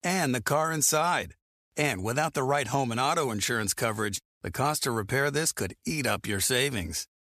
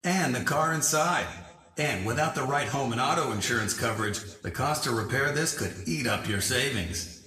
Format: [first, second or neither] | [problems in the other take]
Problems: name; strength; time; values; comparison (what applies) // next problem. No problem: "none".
first | room echo; slight; dies away in 0.9 s // off-mic speech; somewhat distant